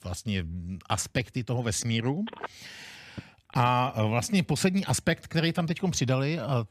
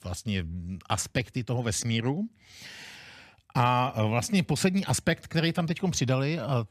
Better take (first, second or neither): second